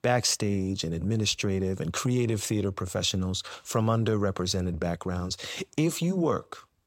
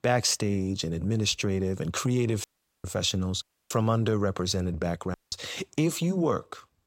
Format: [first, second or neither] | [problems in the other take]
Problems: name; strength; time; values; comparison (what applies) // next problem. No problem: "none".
first | audio cutting out; at 2.5 s, at 3.5 s and at 5 s